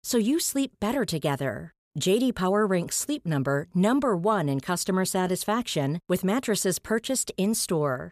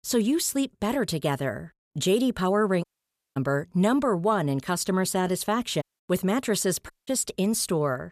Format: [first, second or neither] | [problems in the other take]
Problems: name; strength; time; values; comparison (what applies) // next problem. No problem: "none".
first | audio cutting out; at 3 s for 0.5 s, at 6 s and at 7 s